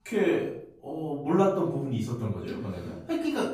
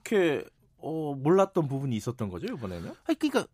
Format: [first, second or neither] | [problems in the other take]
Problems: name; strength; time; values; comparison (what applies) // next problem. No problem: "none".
second | off-mic speech; far // room echo; noticeable; dies away in 0.5 s